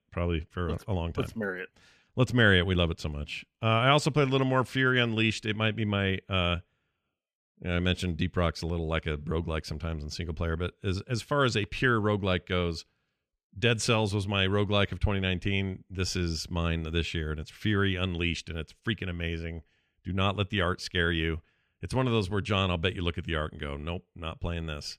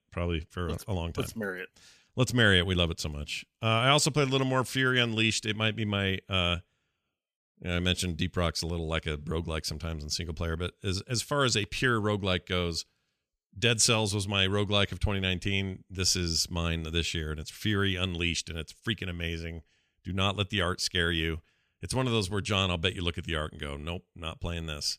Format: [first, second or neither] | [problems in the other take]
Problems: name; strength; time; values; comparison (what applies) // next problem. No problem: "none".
second | muffled; slightly; fading above 3.5 kHz